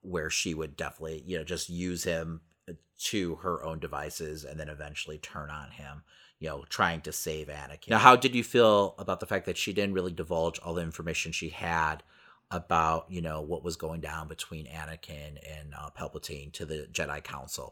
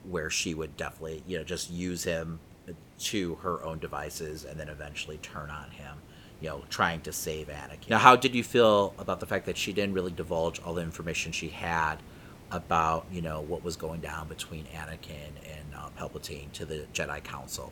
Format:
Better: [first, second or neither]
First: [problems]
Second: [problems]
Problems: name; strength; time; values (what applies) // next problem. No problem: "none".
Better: first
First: none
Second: hiss; faint; throughout; 20 dB below the speech